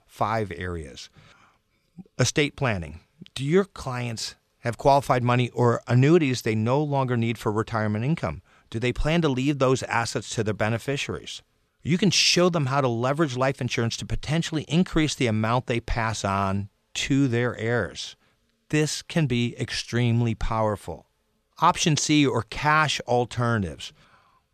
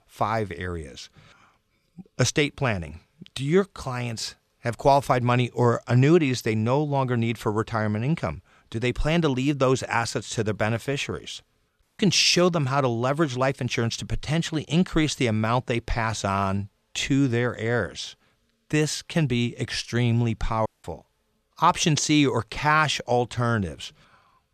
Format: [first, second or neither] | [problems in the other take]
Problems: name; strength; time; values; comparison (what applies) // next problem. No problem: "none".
first | audio cutting out; at 12 s and at 21 s